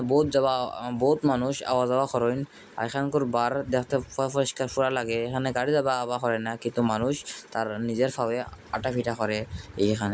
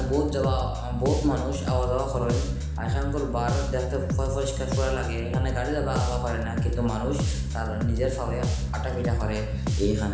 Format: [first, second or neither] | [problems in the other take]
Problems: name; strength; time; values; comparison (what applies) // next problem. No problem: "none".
first | background sound (Bass guitar); 2 dB above the speech // room echo; dies away in 1.1 s